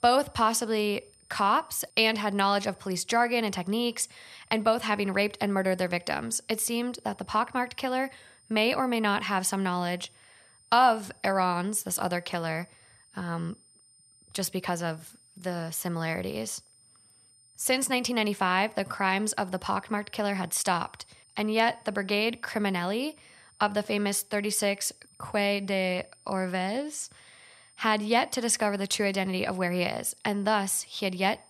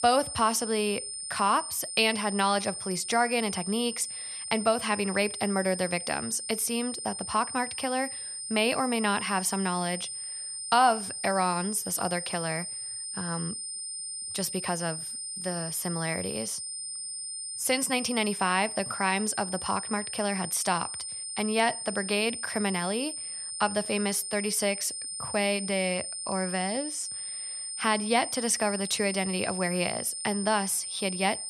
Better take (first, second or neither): first